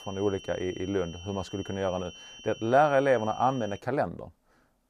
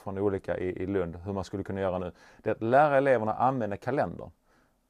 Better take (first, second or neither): second